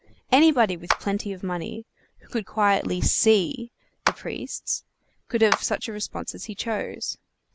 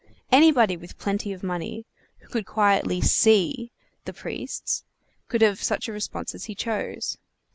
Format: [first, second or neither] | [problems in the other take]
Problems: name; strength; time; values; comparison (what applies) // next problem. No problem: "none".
second | background sound (Clapping); 8 dB below the speech